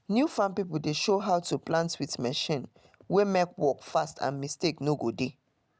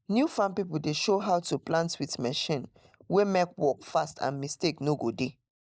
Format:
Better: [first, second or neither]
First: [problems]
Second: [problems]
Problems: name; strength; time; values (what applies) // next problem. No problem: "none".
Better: first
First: none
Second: noise reduction (neural mask model Resemble Enhance denoiser)